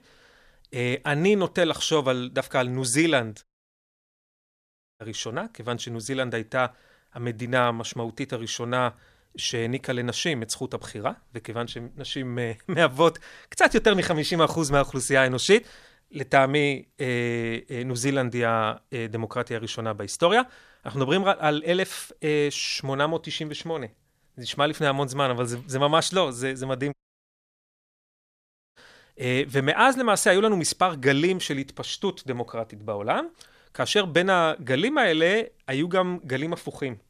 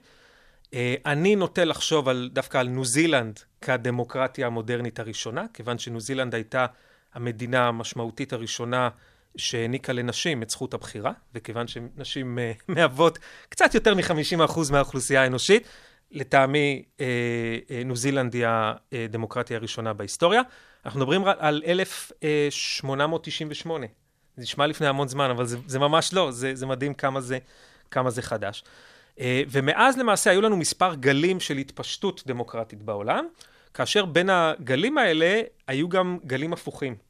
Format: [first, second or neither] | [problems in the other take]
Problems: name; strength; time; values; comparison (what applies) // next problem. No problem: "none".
second | audio cutting out; at 3.5 s for 1.5 s and at 27 s for 2 s